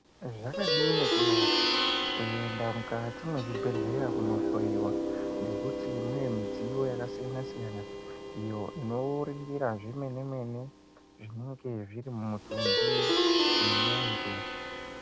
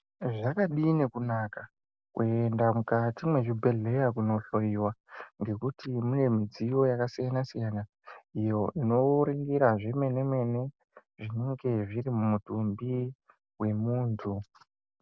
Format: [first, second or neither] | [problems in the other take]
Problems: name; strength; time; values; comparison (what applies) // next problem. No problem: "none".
second | background sound (Plucked string instrument); 5 dB above the speech